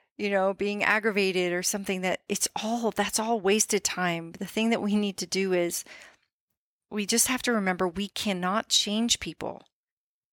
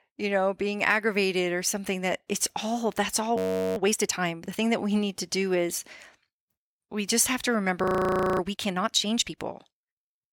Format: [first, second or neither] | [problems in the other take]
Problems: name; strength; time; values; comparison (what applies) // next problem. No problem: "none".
first | audio freezing; at 3.5 s and at 8 s for 0.5 s